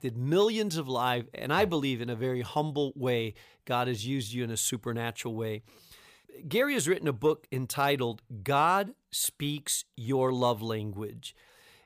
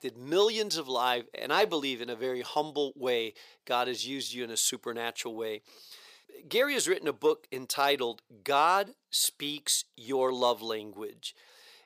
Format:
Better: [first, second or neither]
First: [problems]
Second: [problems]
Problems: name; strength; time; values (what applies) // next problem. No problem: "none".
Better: first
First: none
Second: thin; somewhat; fading below 400 Hz